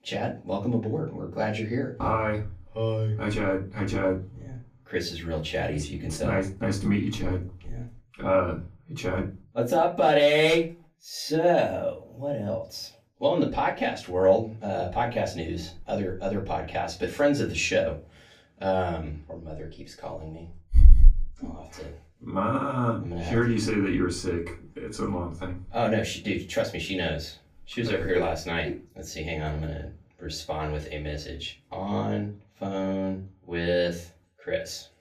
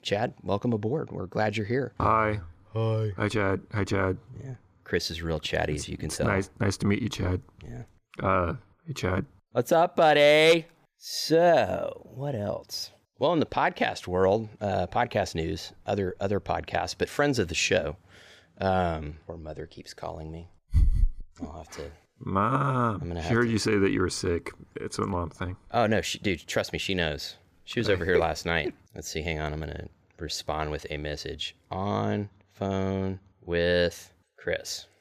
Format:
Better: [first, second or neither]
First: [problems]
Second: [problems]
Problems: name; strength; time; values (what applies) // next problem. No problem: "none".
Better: second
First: off-mic speech; far // room echo; very slight; dies away in 0.3 s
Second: none